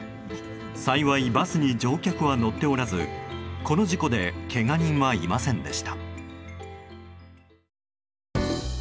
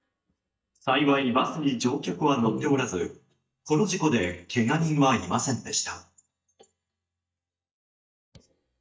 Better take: first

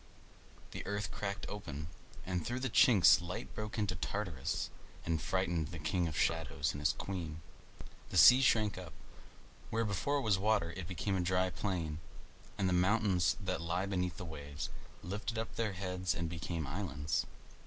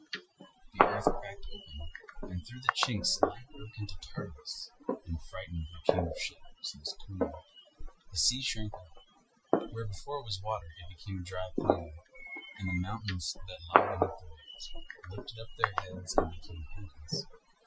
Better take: first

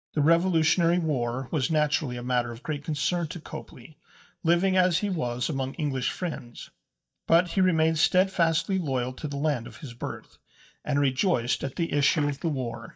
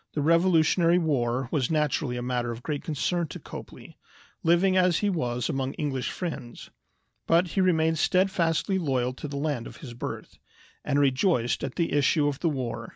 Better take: second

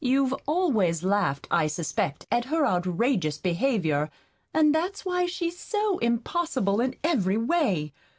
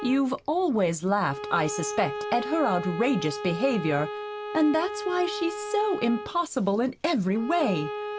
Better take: first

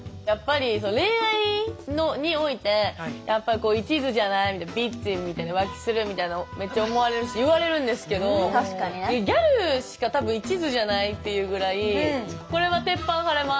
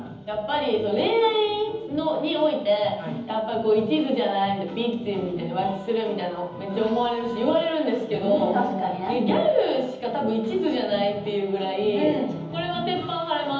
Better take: first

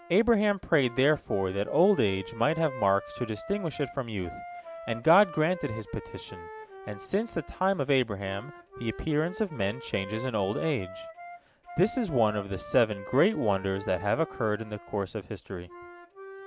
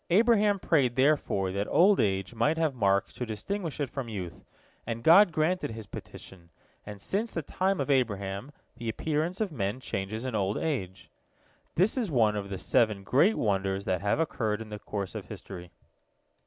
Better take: second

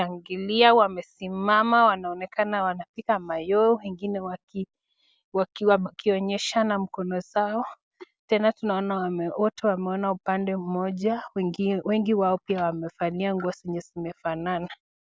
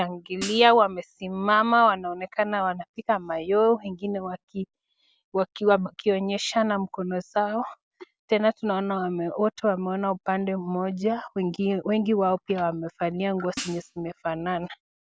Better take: first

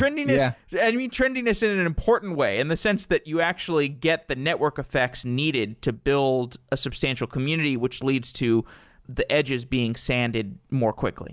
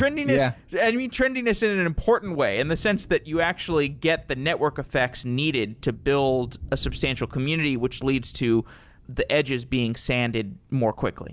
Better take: first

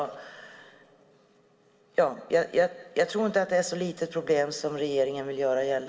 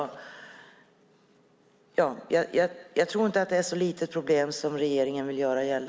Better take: second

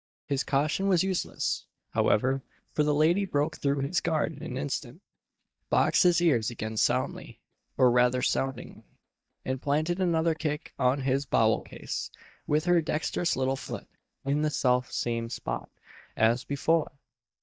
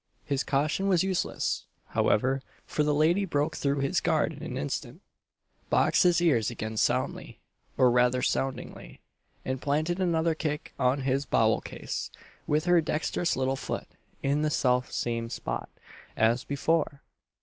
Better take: second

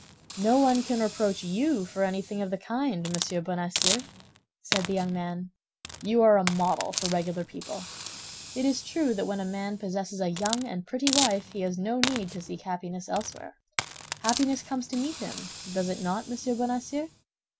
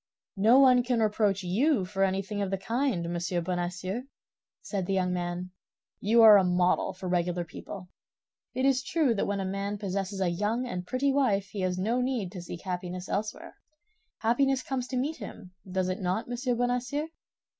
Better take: second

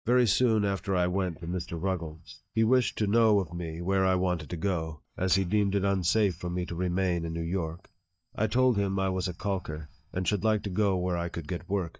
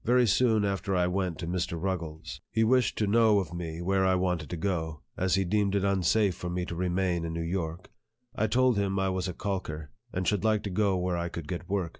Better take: second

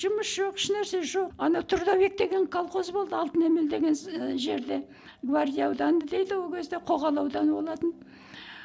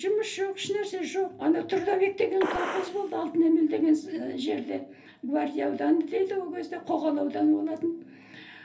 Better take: first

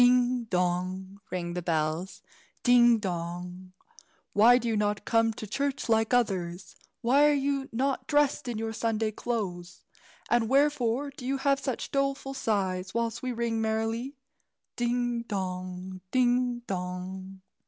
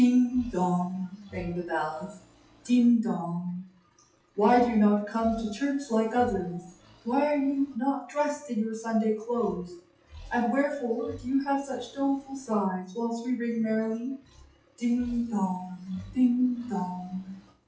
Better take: first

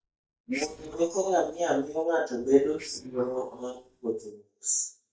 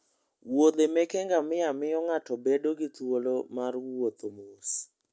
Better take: second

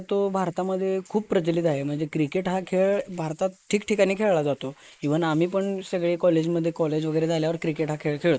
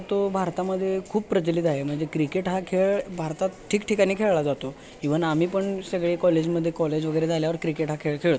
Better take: second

